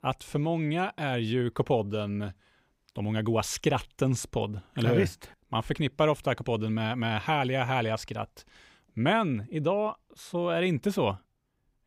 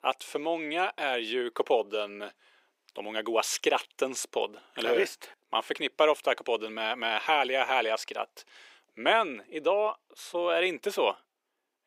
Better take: first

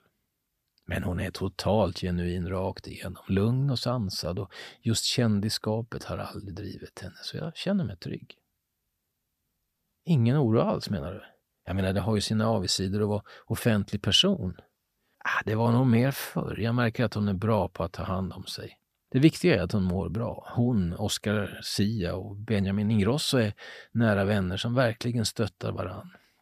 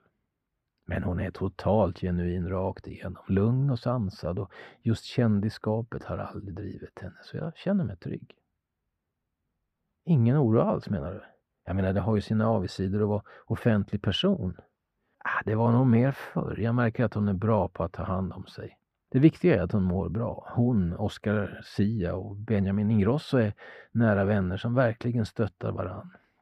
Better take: first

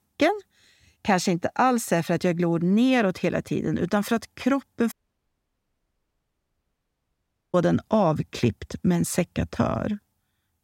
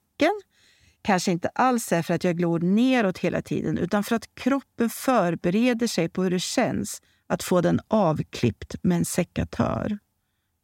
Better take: second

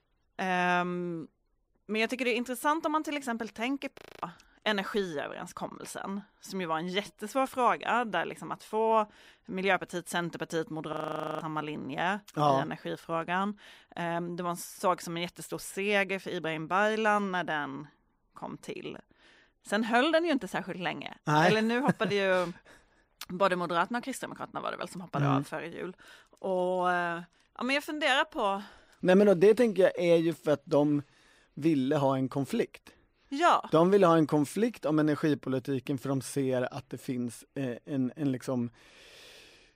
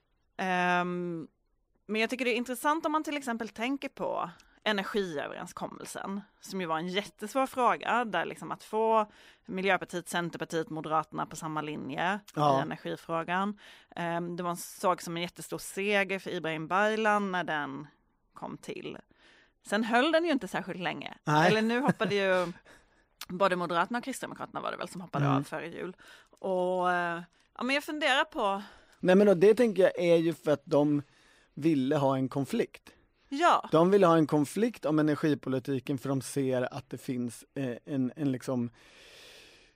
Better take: second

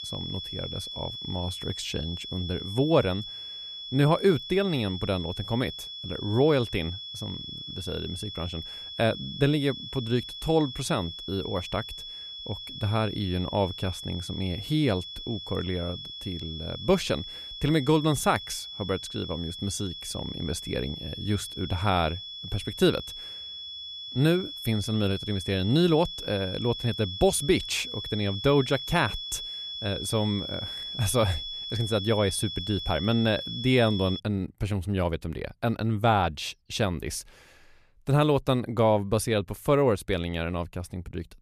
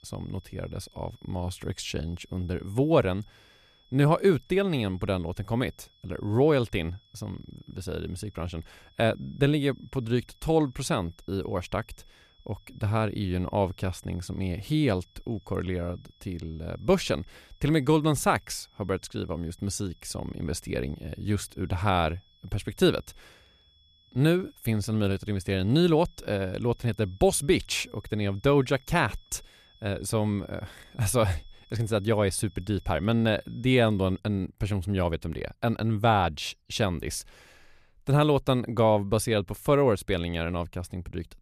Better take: second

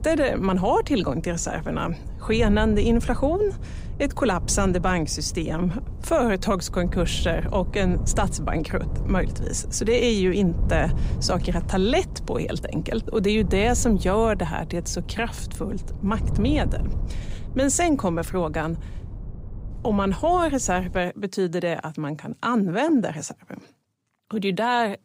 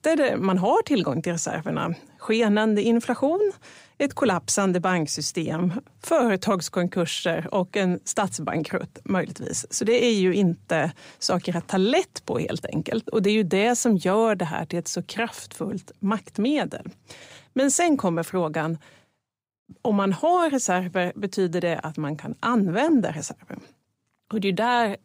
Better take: second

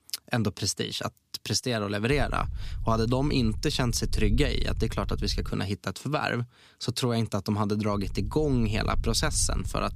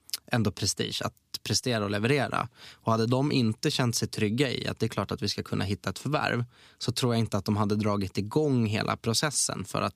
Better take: second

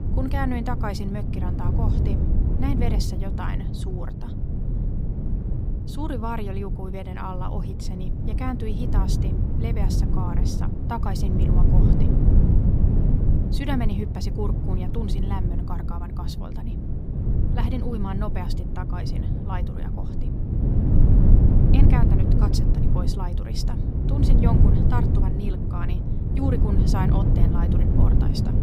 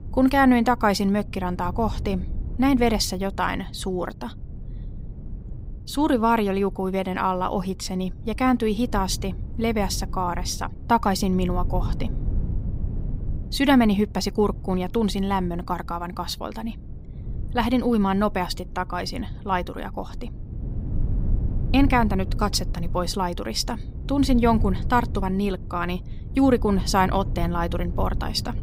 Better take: second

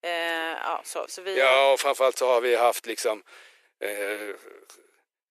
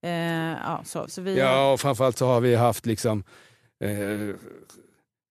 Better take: second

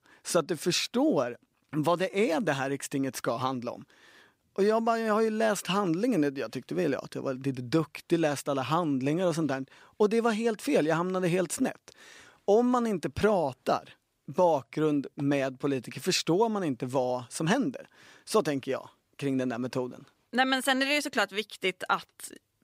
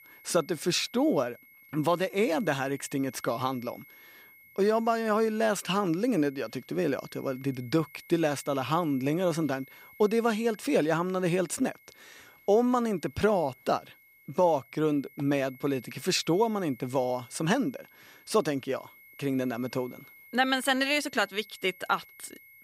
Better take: first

